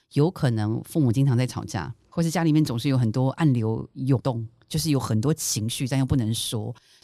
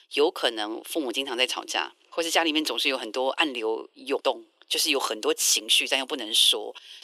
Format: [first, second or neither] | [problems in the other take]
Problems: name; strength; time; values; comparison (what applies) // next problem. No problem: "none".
first | thin; very; fading below 350 Hz